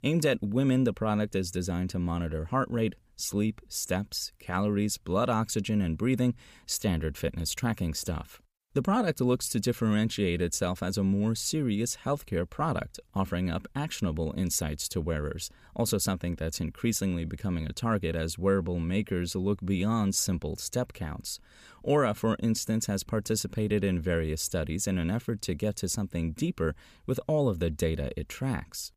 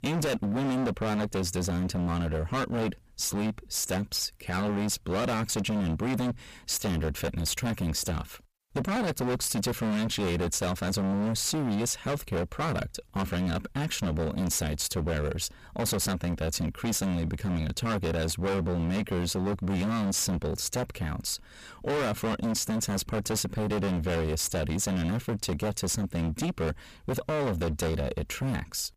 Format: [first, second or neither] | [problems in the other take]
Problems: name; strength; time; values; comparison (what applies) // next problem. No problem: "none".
first | distortion; heavy; 31% of the sound clipped